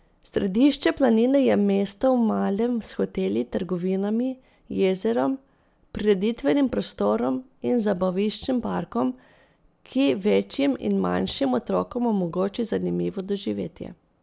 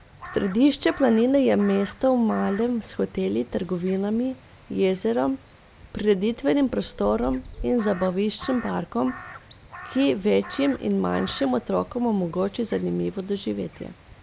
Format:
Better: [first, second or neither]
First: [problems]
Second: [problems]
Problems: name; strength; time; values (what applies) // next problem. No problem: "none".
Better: first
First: none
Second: background sound (Crow); 18 dB below the speech